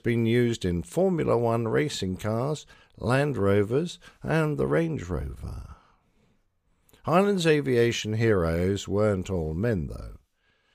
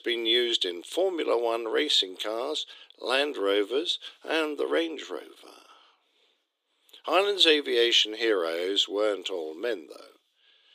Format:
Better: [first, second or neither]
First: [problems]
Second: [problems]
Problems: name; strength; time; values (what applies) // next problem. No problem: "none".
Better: first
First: none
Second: thin; very; fading below 300 Hz